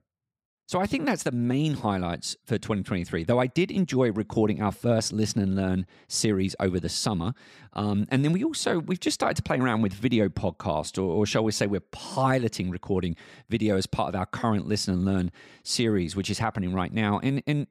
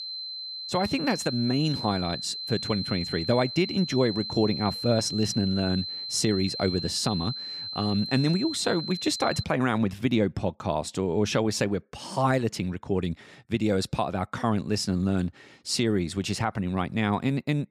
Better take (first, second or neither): first